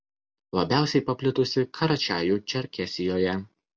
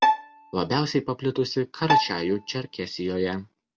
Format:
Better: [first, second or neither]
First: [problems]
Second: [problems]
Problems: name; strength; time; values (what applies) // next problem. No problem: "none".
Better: first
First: none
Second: background sound (Bowed string instrument); 2 dB below the speech